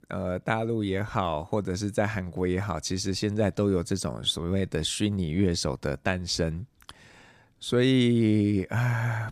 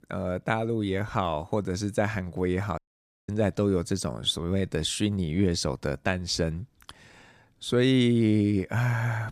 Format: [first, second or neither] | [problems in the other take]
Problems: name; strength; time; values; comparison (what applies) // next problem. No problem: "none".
first | audio cutting out; at 3 s for 0.5 s